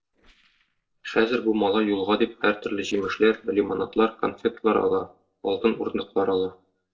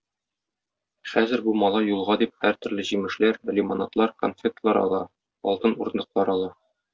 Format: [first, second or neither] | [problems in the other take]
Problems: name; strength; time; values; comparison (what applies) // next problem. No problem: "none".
second | noise reduction (neural separator model SepFormer DNS4)